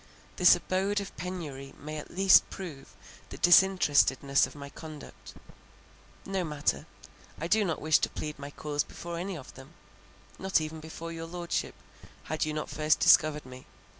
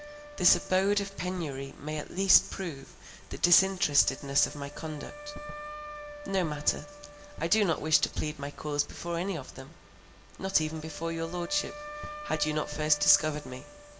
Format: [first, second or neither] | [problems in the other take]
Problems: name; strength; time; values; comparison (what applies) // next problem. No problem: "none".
first | background sound (Wind instrument, woodwind instrument); 15 dB below the speech // room echo; dies away in 1.6 s